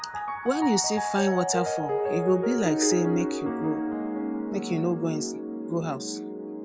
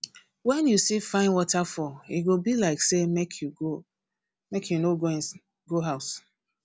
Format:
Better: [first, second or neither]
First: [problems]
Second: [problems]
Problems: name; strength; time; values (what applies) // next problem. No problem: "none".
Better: second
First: background sound (Piano); 1 dB below the speech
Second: none